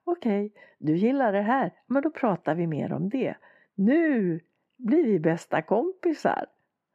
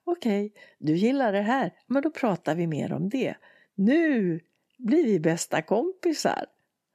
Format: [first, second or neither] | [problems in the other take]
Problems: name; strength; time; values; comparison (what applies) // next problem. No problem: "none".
second | muffled; very; fading above 3.5 kHz